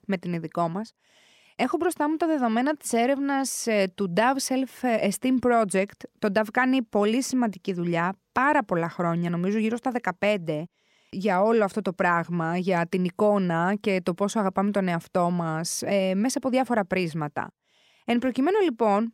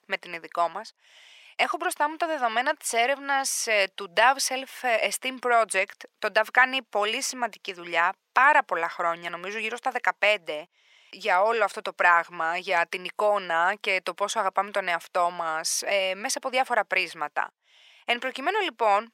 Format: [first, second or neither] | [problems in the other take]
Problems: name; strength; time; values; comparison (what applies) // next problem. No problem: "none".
first | thin; very; fading below 800 Hz